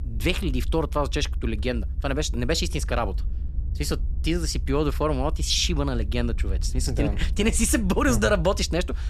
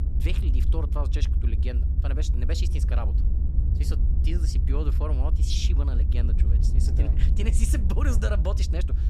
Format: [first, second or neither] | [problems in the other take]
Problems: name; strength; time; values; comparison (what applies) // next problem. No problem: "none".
first | low rumble; loud; throughout; 5 dB below the speech; faint in the first